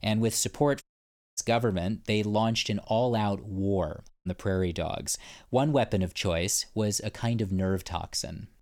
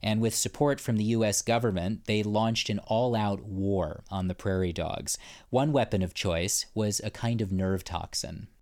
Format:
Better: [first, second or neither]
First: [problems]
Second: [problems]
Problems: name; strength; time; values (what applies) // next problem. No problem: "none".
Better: second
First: audio cutting out; at 1 s for 0.5 s and at 4 s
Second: none